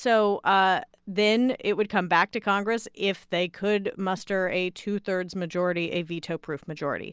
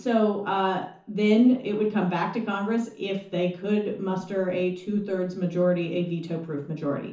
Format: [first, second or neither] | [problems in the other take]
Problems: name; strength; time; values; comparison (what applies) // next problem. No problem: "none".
first | room echo; dies away in 0.9 s